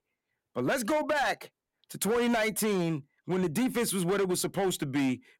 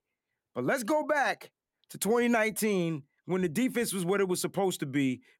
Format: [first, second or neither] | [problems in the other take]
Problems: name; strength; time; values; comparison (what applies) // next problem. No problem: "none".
second | distortion; slight; 13% of the sound clipped